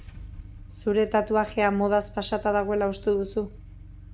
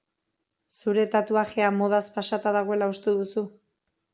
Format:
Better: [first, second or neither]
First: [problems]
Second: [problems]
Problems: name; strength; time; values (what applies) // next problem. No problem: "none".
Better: second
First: background sound (Engine starting / Car); 16 dB below the speech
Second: none